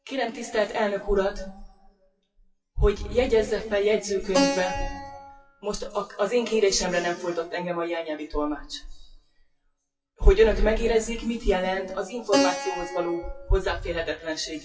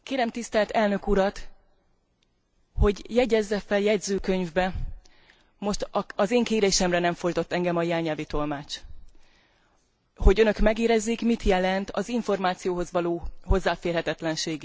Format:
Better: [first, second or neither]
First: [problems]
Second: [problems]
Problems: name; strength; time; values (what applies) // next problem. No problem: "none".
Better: second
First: noise reduction (classical method WPE with log-MMSE)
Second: none